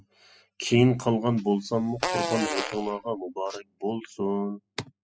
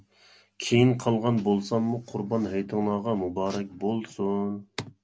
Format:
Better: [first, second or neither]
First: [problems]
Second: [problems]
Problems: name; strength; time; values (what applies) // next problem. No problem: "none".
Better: second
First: noise reduction (classical method spectral subtraction)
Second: none